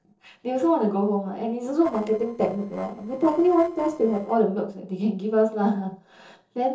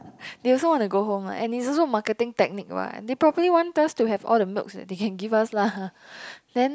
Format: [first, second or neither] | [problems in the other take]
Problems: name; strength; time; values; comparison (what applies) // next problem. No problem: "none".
second | noise reduction (neural separator model SepFormer DNS4)